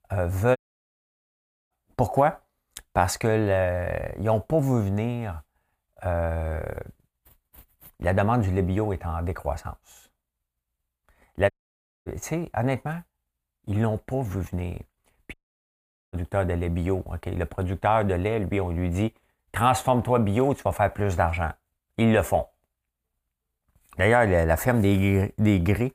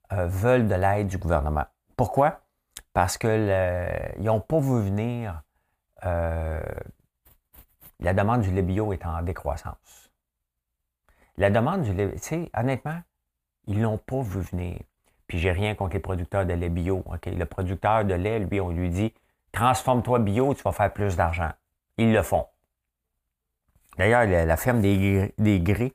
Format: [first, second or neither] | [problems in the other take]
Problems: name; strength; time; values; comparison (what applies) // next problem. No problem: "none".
second | audio cutting out; at 0.5 s for 1 s, at 12 s for 0.5 s and at 15 s for 1 s